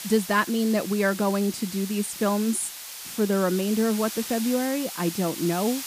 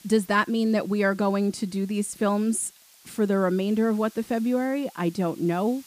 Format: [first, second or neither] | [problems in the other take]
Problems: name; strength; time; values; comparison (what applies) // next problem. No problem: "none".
second | hiss; loud; throughout; 9 dB below the speech; faint in the second